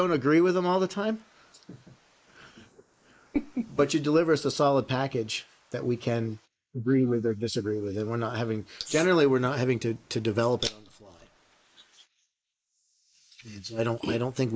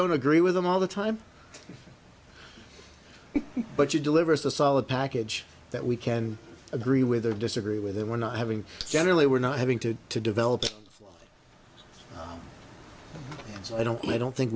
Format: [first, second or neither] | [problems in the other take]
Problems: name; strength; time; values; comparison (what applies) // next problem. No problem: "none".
second | noise reduction (neural mask model Resemble Enhance denoiser)